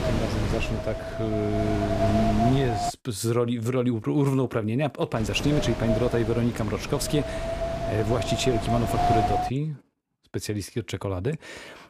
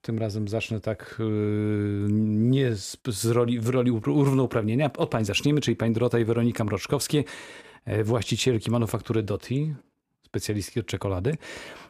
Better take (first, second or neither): second